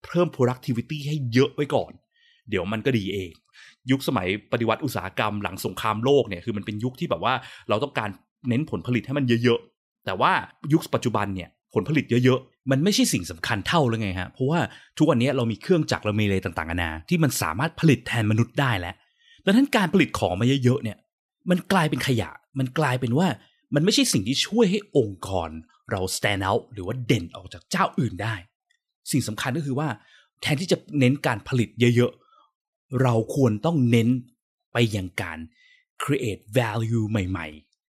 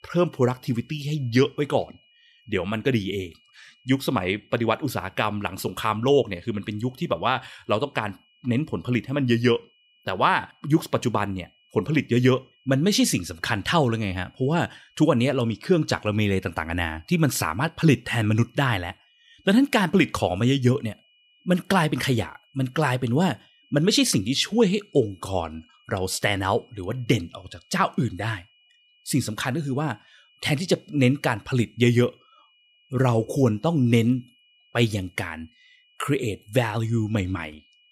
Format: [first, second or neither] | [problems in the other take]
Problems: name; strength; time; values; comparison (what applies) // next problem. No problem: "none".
first | high-pitched whine; faint; throughout; 3 kHz, 35 dB below the speech